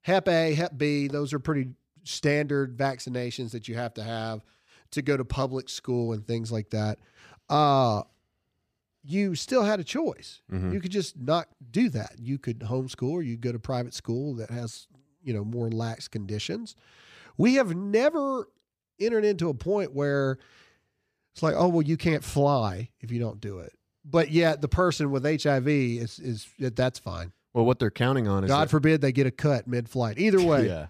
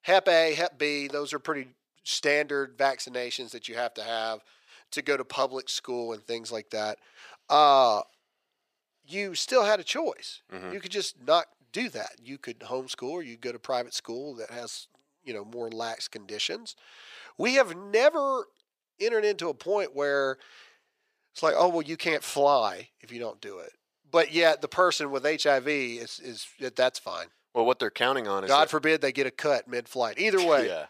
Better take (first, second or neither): first